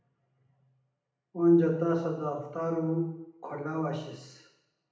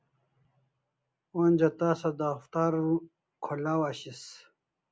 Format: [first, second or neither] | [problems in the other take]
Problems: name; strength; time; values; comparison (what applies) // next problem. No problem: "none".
second | room echo; dies away in 0.8 s